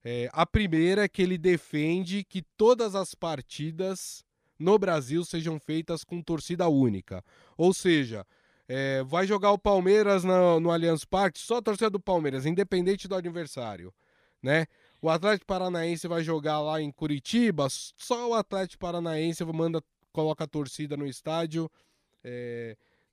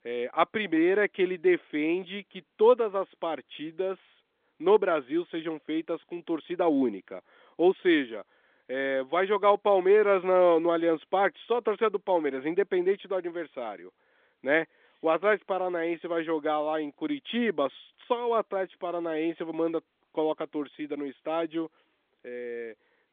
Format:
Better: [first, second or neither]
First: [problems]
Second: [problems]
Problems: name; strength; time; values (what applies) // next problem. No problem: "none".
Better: first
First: none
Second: phone-call audio; nothing above 3.5 kHz